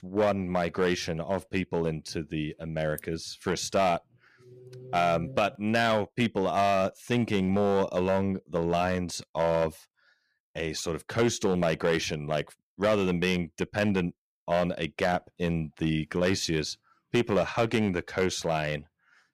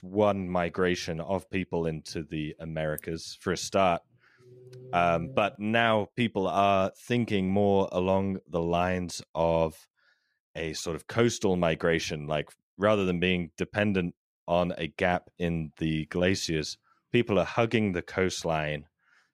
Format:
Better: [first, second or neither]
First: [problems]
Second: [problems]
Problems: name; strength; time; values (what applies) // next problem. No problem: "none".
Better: second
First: distortion; slight; 3% of the sound clipped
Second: none